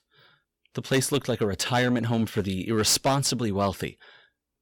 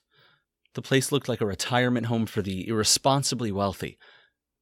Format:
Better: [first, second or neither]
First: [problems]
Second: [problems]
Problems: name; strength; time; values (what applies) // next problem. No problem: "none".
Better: second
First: distortion; slight; 5% of the sound clipped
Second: none